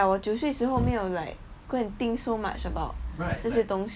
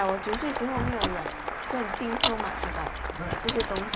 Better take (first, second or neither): first